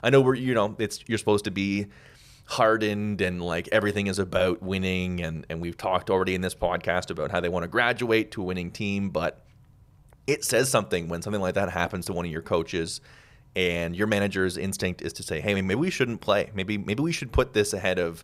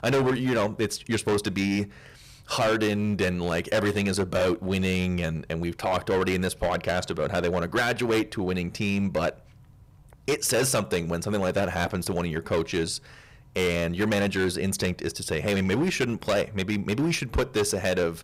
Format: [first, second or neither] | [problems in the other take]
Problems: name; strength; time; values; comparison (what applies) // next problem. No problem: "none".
first | distortion; heavy; 11% of the sound clipped